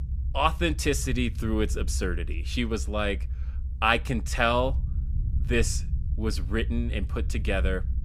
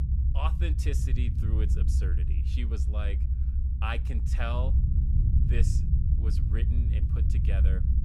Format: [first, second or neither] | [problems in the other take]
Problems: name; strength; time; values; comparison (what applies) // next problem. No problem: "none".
first | low rumble; loud; throughout; 3 dB below the speech; faint in the first